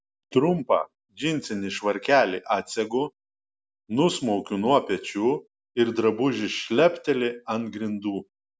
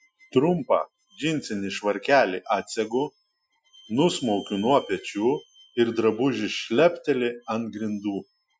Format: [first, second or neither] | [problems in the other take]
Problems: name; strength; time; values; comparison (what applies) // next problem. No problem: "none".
first | noise reduction (classical method Wiener filter)